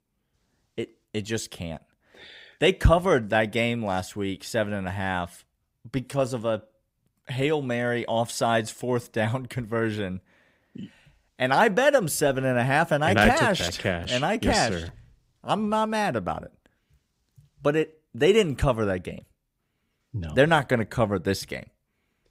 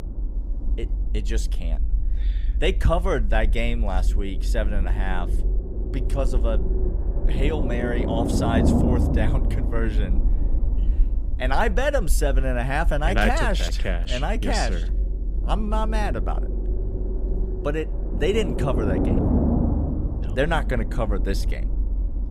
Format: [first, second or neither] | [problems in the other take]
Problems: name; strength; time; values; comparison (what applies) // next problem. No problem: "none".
first | low rumble; loud; throughout; 7 dB below the speech